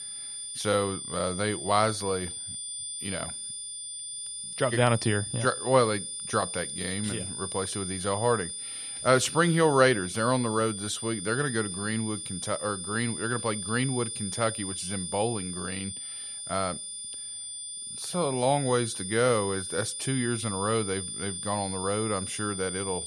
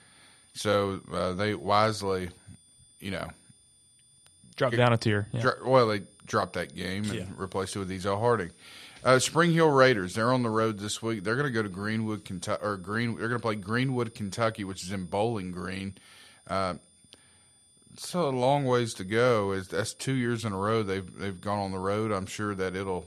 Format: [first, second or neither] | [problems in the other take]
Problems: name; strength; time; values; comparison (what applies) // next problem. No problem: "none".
second | high-pitched whine; loud; throughout; 9 kHz, 6 dB below the speech; faint in the second